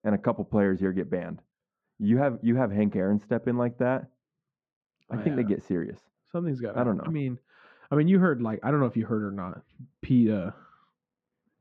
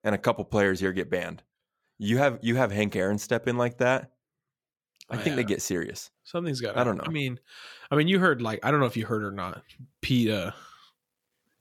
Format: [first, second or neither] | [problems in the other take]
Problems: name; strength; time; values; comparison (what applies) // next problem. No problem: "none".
second | muffled; very; fading above 1.5 kHz